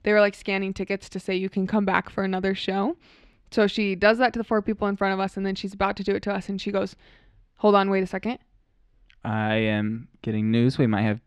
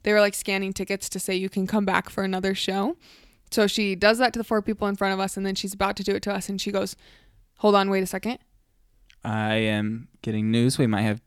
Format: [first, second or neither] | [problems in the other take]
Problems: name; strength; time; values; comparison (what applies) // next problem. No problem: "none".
second | muffled; slightly; fading above 3 kHz